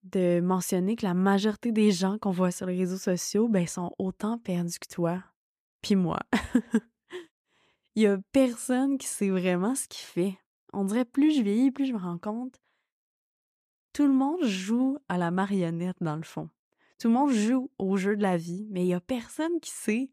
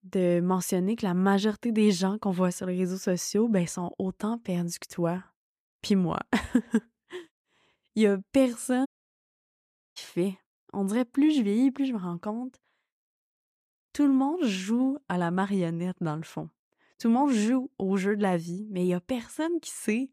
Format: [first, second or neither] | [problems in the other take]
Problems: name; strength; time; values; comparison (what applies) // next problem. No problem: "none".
first | audio cutting out; at 9 s for 1 s